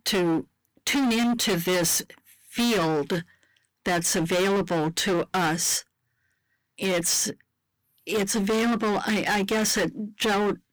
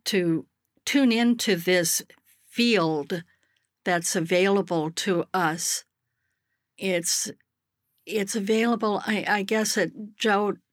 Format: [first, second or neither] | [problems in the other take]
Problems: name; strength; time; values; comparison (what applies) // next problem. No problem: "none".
second | distortion; heavy; 23% of the sound clipped